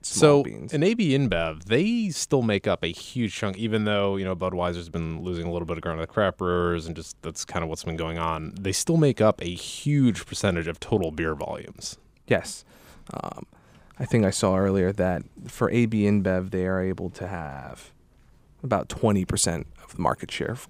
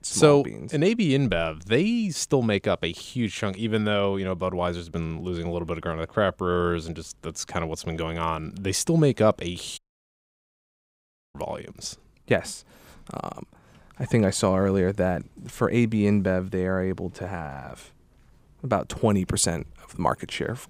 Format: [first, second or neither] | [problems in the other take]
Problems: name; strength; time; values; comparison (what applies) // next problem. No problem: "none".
first | audio cutting out; at 10 s for 1.5 s